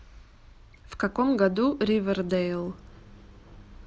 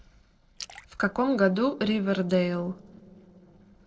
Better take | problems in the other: first | noise reduction (neural separator model SepFormer DNS4)

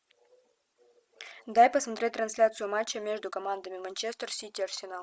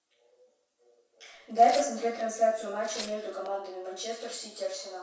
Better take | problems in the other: first | background sound (Tearing); 16 dB below the speech // room echo; dies away in 0.6 s

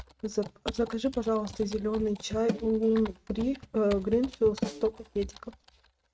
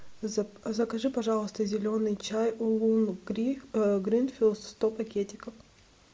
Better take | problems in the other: second | noise reduction (neural mask model RNNoise)

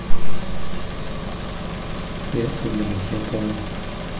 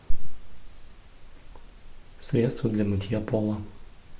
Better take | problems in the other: second | background sound (Engine); 11 dB below the speech // room echo; dies away in 0.5 s

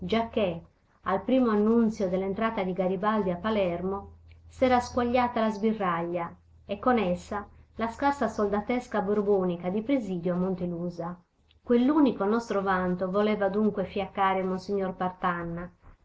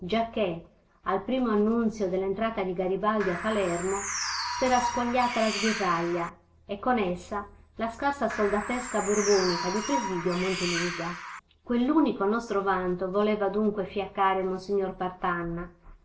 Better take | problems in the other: first | background sound (Bird); 5 dB below the speech // room echo; dies away in 0.4 s

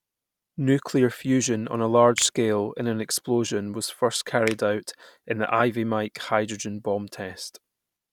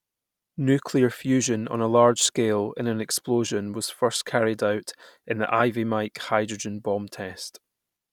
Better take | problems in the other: second | background sound (Finger snapping); 18 dB below the speech

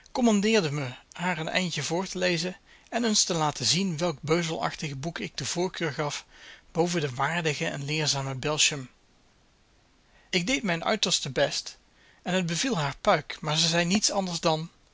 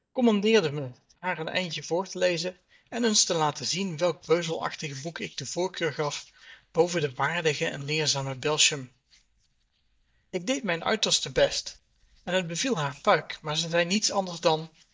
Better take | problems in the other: first | noise reduction (neural mask model DeepFilterNet 3)

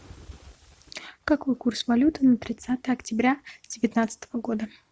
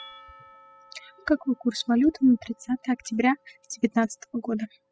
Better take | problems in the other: first | noise reduction (classical method spectral subtraction)

